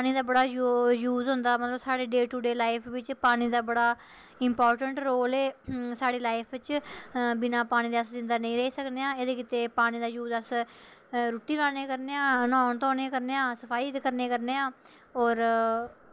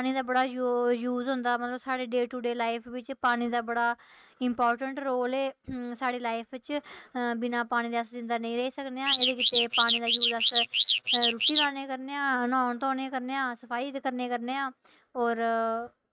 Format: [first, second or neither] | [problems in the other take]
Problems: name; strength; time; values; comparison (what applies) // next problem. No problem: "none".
first | noise reduction (neural mask model RNNoise)